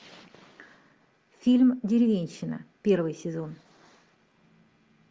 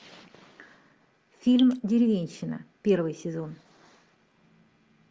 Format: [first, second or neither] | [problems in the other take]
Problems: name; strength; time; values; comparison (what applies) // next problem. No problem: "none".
first | background sound (Drip); 13 dB below the speech